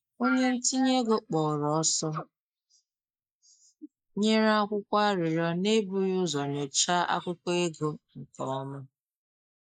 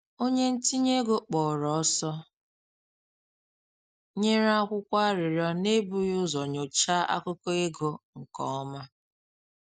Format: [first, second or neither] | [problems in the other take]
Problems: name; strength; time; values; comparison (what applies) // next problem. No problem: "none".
second | noise reduction (neural mask model Resemble Enhance denoiser)